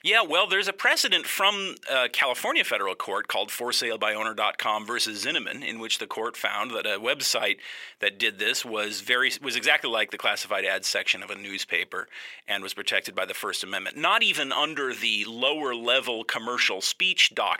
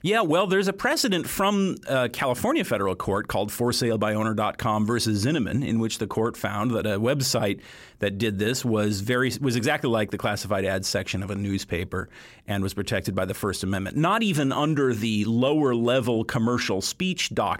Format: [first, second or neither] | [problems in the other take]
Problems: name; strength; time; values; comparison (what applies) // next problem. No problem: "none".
second | thin; very; fading below 550 Hz